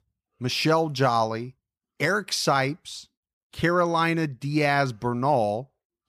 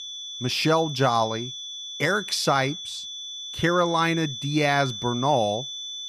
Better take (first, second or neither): first